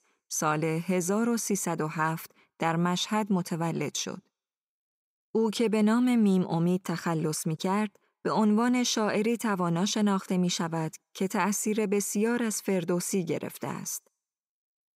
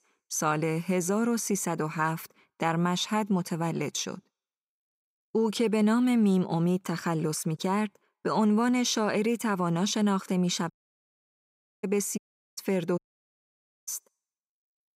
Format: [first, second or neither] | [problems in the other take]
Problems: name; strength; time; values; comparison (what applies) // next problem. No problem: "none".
first | audio cutting out; at 11 s for 1 s, at 12 s and at 13 s for 1 s